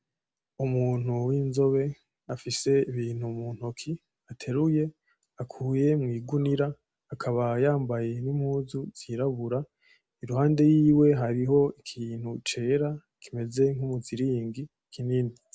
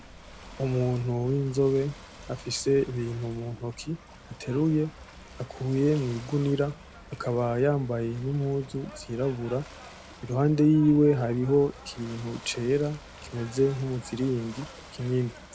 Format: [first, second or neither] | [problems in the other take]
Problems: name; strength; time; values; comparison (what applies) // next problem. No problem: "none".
first | background sound (Ocean / Boat, Water vehicle); 18 dB below the speech